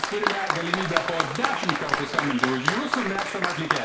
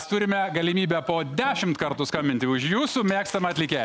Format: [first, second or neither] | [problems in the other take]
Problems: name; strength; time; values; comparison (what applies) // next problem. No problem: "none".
second | background sound (Applause); 2 dB above the speech // room echo; dies away in 0.6 s